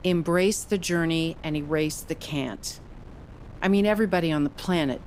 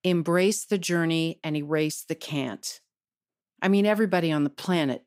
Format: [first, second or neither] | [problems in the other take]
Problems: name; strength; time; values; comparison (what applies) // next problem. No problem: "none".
second | wind noise on the microphone; occasional gusts; 25 dB below the speech